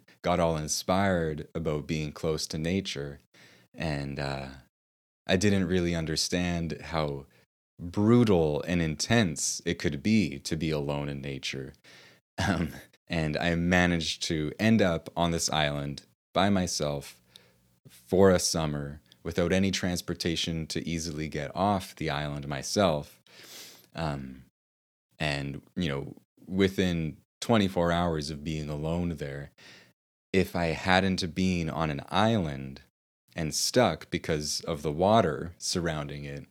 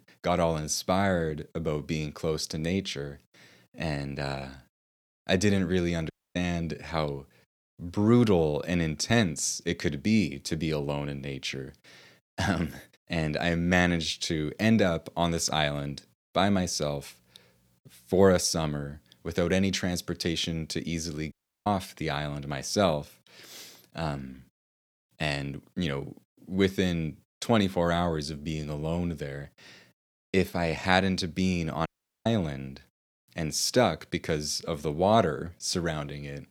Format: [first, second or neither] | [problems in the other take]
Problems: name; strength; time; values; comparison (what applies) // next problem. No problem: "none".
first | audio cutting out; at 6 s, at 21 s and at 32 s